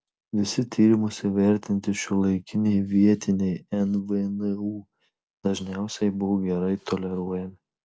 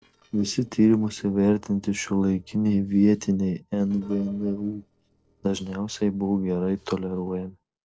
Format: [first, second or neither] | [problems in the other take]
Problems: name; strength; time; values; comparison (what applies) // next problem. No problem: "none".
first | noise reduction (neural separator model SepFormer DNS4)